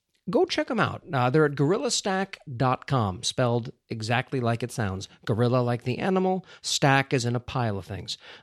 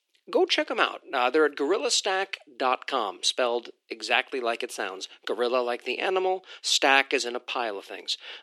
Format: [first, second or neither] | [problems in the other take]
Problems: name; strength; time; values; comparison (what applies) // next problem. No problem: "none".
first | thin; very; fading below 300 Hz